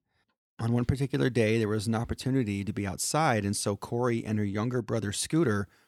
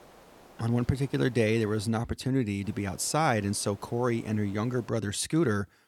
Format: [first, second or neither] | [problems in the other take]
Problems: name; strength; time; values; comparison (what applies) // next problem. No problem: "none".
first | hiss; faint; until 2 s and from 2.5 to 5 s; 25 dB below the speech